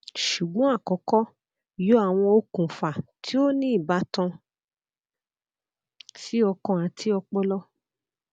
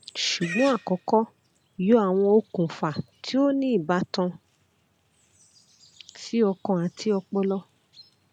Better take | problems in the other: first | background sound (Livestock, farm animals, working animals); 20 dB below the speech

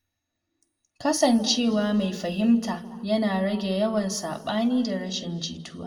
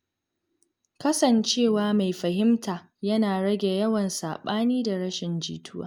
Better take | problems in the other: second | room echo; dies away in 1.4 s

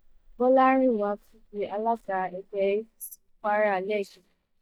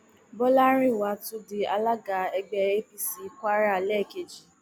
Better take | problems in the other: second | noise reduction (neural mask model DeepFilterNet 3)

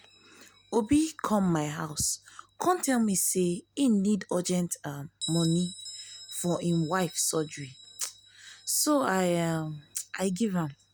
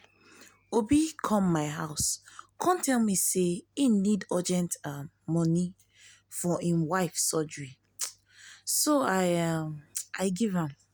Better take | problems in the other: second | background sound (Bell); 19 dB below the speech

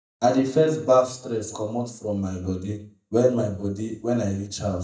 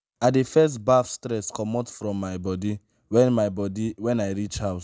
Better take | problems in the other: second | noise reduction (neural mask model DeepFilterNet 3)

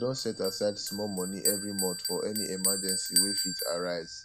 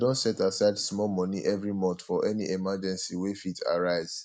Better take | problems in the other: second | background sound (Bell); 1 dB above the speech

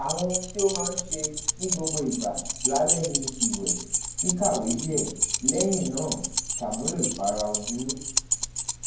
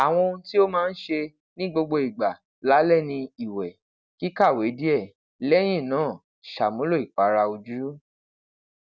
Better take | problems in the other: second | background sound (Keys jangling); 1 dB above the speech // room echo; dies away in 0.9 s

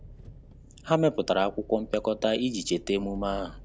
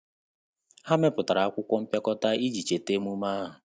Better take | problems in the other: second | background sound (Engine); 18 dB below the speech

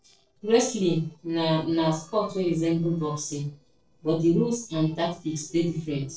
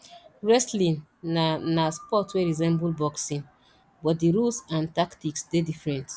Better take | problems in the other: second | noise reduction (neural separator model SepFormer DNS4)

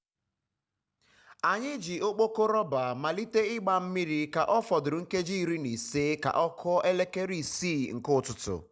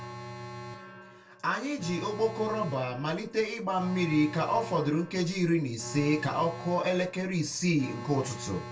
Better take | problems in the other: first | background sound (Alarm); 13 dB below the speech // room echo; dies away in 0.2 s

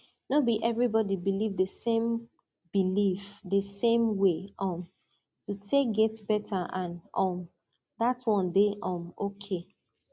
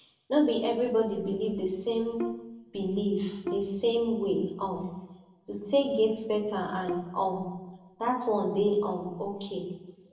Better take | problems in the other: first | background sound (Bowed string instrument); 11 dB below the speech // room echo; dies away in 0.9 s

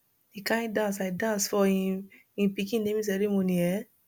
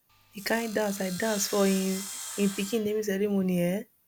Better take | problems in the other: first | background sound (Sawing); 12 dB below the speech

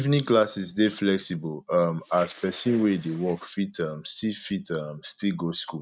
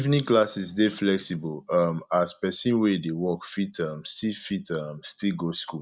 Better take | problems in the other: second | noise reduction (neural mask model RNNoise)

